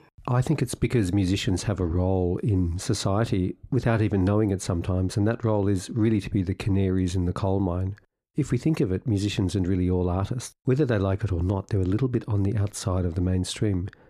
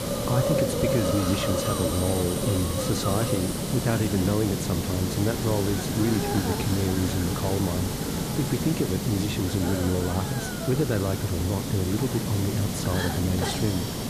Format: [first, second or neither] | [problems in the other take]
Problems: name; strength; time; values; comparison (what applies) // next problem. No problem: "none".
first | hiss; loud; throughout; 1 dB below the speech